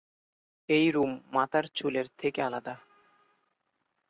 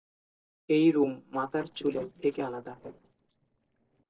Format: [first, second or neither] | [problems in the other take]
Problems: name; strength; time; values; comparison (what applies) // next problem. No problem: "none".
first | noise reduction (neural separator model SepFormer DNS4)